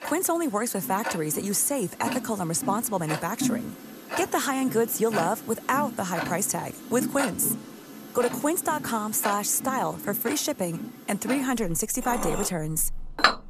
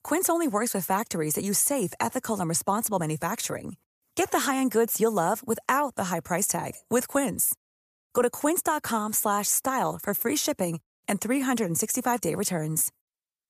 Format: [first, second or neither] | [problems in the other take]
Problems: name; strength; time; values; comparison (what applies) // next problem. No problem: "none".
second | household noises; loud; throughout; 7 dB below the speech